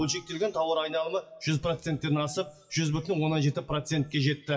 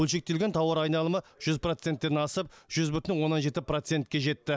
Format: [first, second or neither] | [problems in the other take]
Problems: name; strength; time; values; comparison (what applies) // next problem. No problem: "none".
second | noise reduction (classical method WPE with log-MMSE)